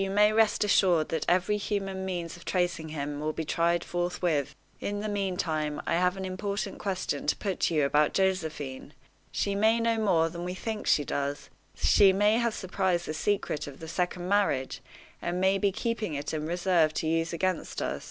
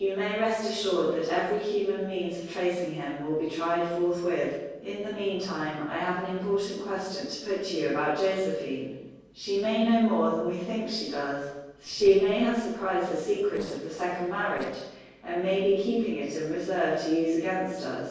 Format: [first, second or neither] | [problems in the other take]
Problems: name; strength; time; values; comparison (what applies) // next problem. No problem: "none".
first | noise reduction (neural separator model SepFormer DNS4)